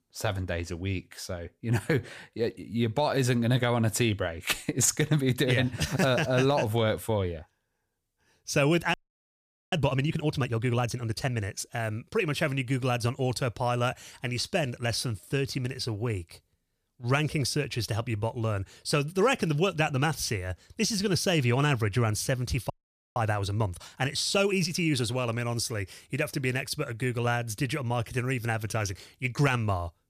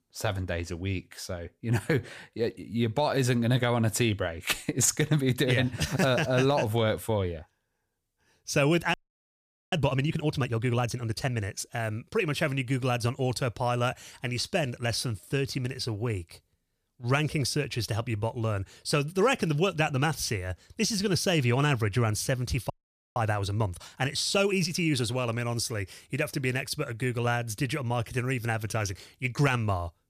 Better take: neither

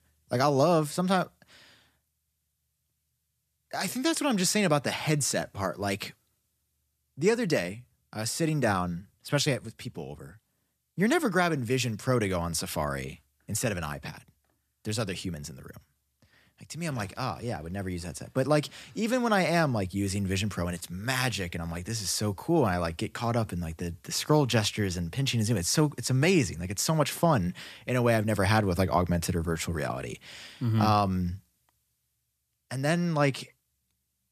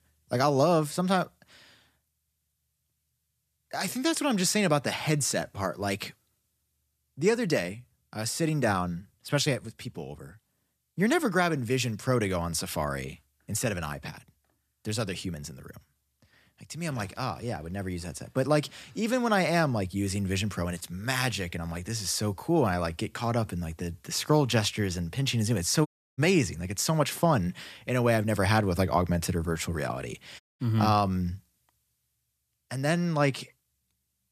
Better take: first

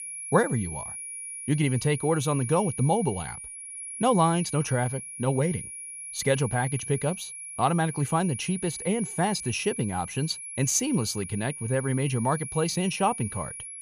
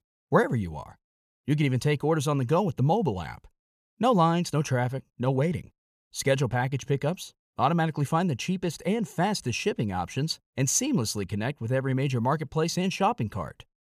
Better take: second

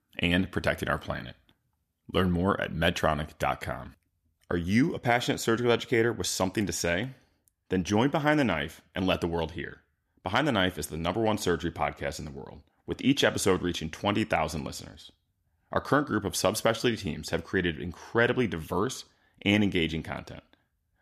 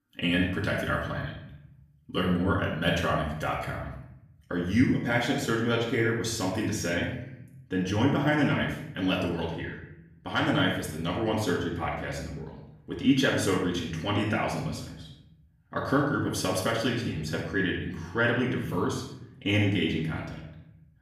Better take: first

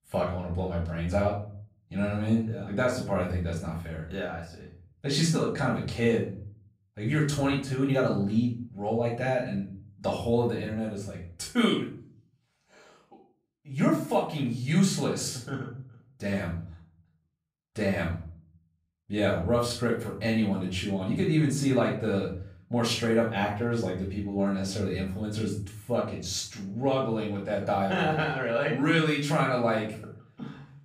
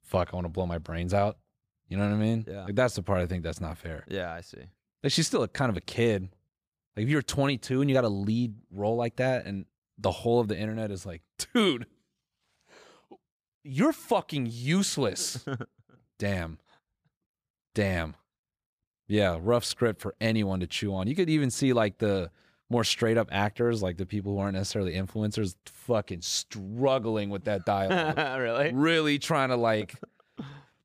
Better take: second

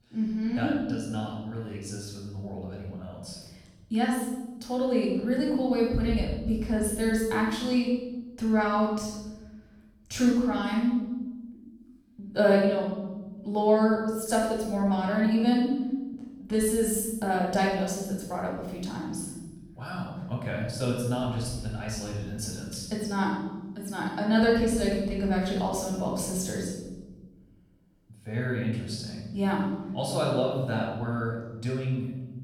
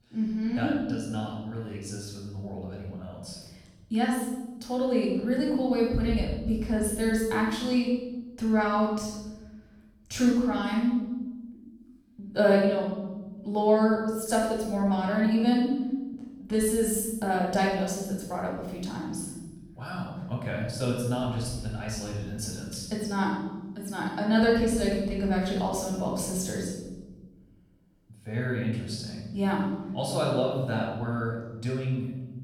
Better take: neither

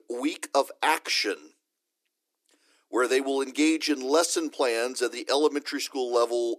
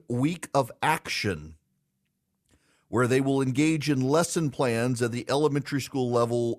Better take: second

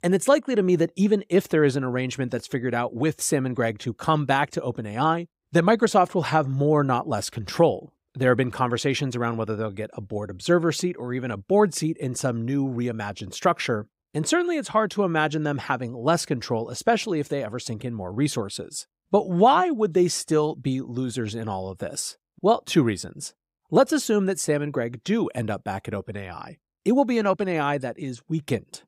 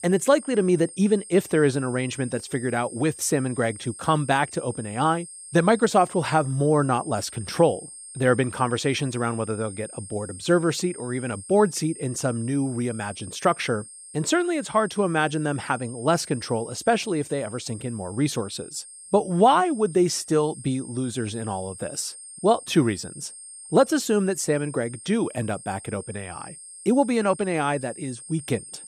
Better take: first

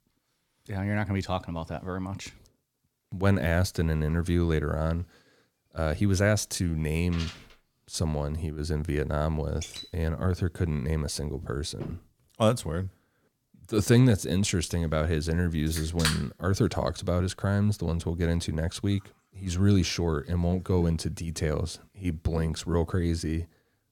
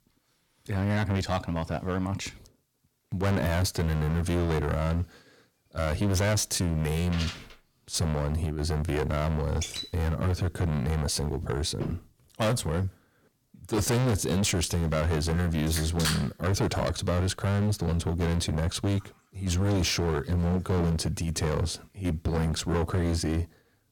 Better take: first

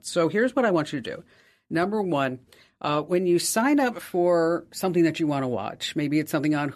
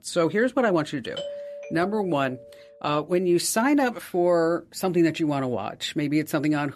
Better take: first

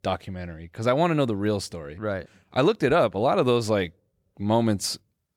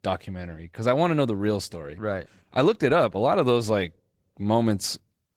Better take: first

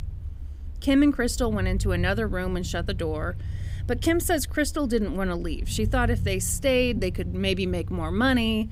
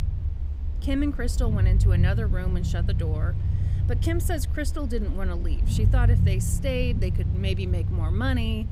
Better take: first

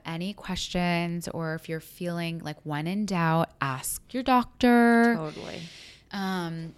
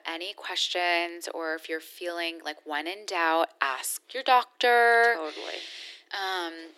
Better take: first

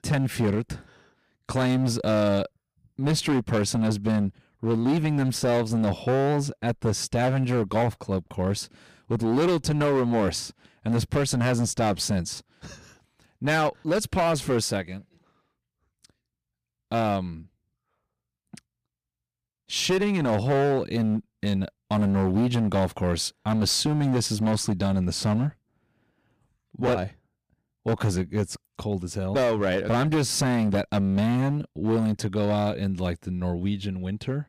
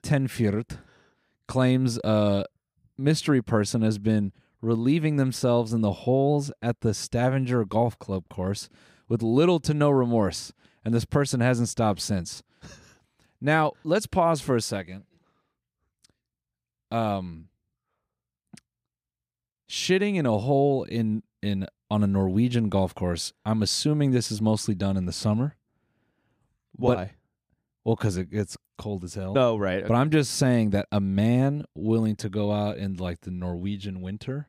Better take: second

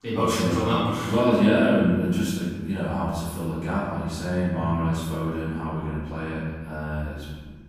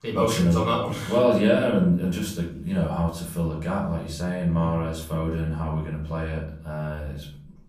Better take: second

